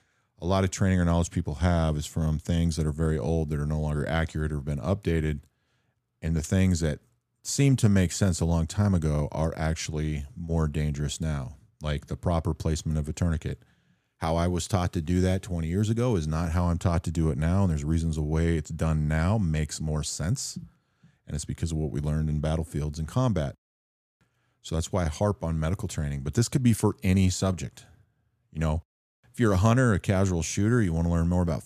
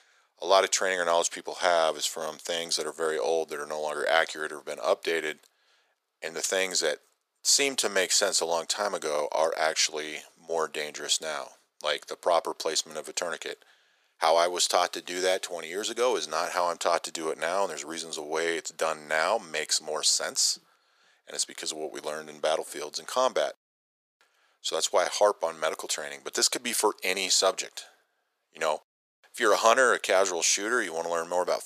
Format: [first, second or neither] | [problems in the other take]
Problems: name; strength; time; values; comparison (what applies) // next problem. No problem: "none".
first | thin; very; fading below 450 Hz